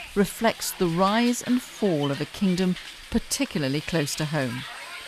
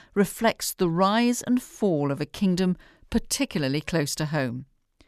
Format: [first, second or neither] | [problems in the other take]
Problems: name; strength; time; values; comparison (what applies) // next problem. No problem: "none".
second | hiss; noticeable; throughout; 10 dB below the speech